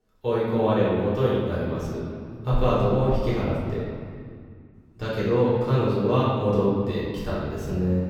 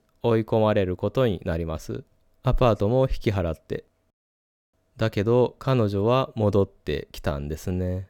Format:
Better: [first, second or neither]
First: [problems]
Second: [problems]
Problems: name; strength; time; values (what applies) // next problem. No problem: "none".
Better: second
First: room echo; strong; dies away in 2.1 s // off-mic speech; far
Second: none